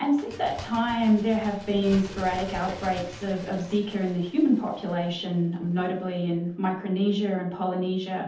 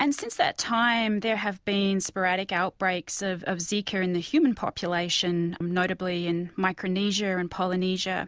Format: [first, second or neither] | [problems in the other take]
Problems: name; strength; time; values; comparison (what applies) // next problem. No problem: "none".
second | background sound (Bird); 18 dB below the speech // room echo; dies away in 0.6 s